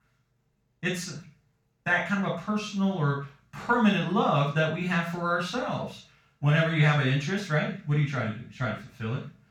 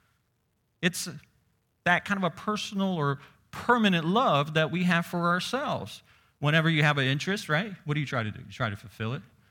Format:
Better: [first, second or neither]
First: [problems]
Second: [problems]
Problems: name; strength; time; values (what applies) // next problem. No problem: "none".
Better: second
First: room echo; noticeable; dies away in 0.3 s // off-mic speech; far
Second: none